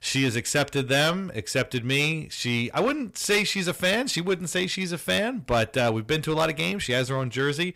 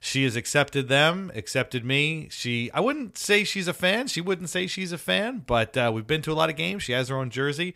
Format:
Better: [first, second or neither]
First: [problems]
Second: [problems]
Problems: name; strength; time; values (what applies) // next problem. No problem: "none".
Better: second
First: distortion; slight; 7% of the sound clipped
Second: none